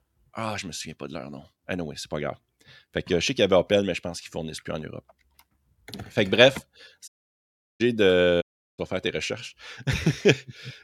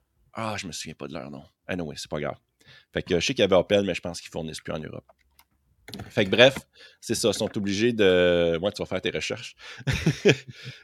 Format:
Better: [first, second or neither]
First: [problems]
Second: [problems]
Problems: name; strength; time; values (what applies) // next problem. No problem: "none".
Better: second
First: audio cutting out; at 7 s for 0.5 s and at 8.5 s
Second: none